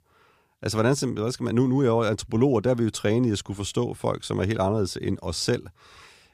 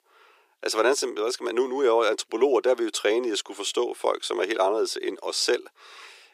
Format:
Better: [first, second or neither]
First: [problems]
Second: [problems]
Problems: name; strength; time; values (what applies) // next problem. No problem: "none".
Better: first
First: none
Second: thin; very; fading below 350 Hz